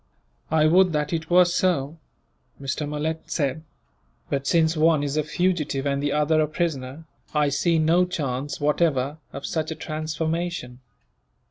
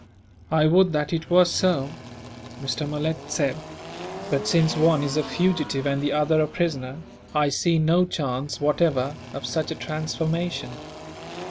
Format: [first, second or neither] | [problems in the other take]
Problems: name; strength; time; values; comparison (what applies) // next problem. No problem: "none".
first | background sound (Engine); 14 dB below the speech